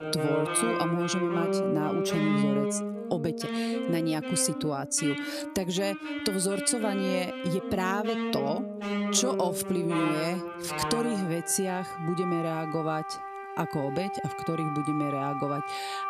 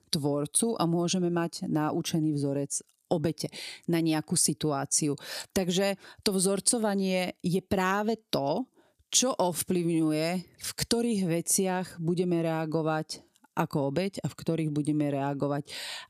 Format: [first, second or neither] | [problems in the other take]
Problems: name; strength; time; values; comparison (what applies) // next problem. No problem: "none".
second | background music; loud; throughout; 2 dB below the speech